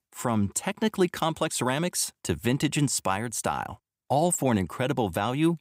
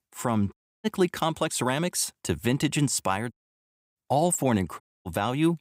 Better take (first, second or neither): first